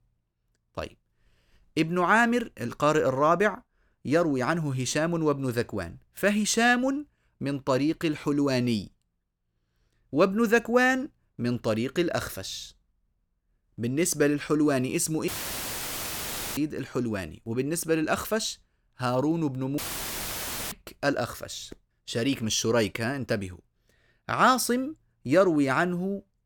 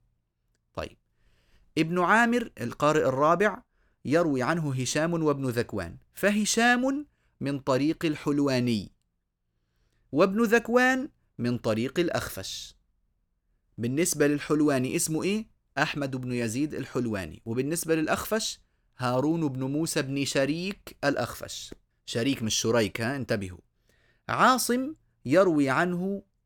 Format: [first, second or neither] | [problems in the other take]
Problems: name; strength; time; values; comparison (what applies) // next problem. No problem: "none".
second | audio cutting out; filled with static; at 15 s for 1.5 s and at 20 s for 1 s